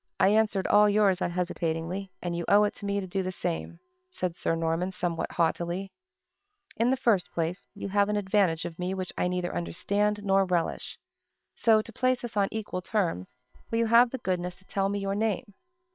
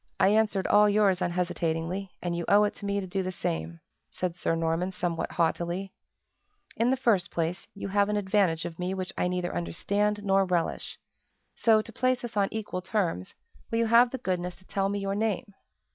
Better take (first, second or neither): second